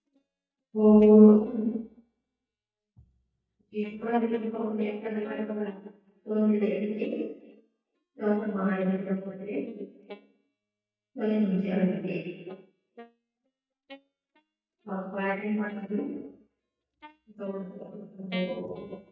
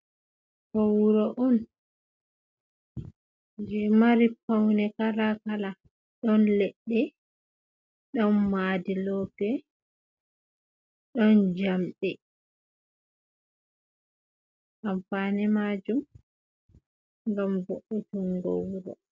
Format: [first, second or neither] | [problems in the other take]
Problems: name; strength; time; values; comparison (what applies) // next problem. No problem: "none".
second | noise reduction (neural mask model DeepFilterNet 3)